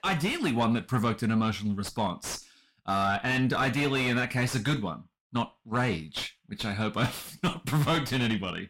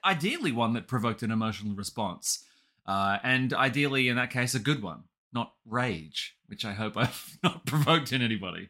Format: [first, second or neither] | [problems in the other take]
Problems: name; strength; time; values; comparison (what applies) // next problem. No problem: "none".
second | distortion; heavy; 6 dB below the speech